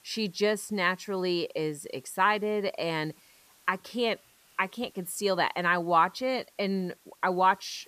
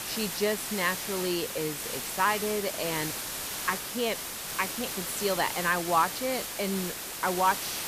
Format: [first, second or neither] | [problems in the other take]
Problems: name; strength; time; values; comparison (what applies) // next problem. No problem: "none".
first | hiss; loud; throughout; 3 dB below the speech; faint in the first